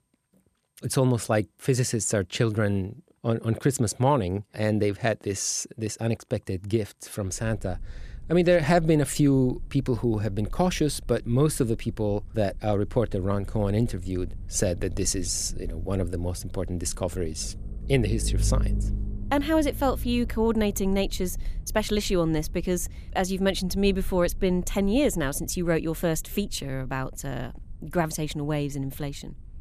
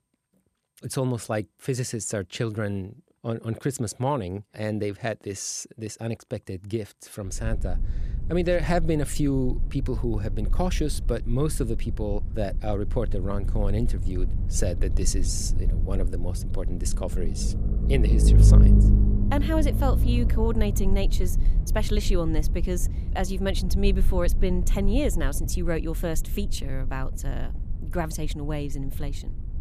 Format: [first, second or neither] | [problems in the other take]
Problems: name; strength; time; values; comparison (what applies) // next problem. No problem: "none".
first | low rumble; loud; from 7.5 s on; 10 dB below the speech; faint in the first